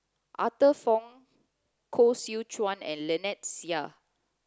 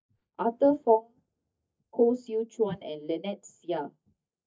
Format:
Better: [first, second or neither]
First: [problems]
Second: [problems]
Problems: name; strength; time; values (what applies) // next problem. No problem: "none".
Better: first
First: none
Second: noise reduction (neural mask model DeepFilterNet 3)